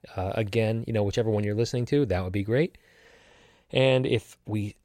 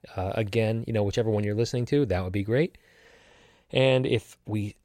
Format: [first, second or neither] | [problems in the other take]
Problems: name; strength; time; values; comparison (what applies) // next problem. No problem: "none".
neither | none